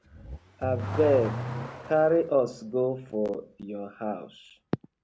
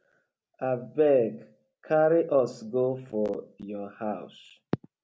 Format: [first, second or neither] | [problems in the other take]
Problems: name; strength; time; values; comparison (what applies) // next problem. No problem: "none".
second | background sound (Accelerating, revving, vroom / Car); 10 dB below the speech